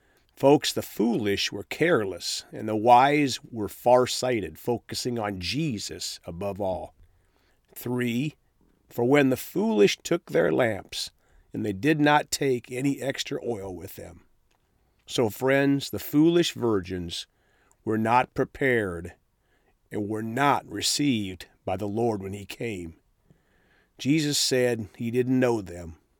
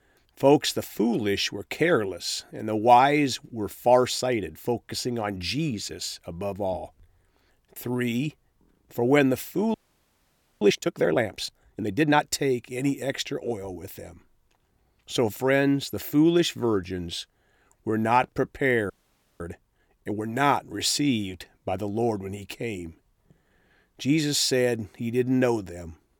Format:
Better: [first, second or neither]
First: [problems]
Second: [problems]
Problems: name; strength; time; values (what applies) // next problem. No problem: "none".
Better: first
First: none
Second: audio freezing; at 9.5 s for 1 s and at 19 s for 0.5 s